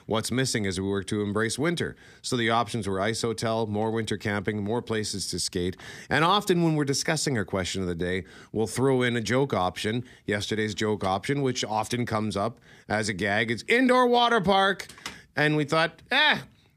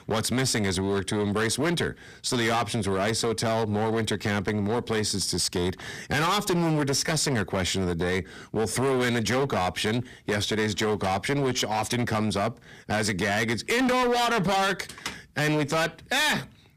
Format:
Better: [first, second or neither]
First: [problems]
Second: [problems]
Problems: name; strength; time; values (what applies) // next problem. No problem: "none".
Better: first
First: none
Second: distortion; heavy; 20% of the sound clipped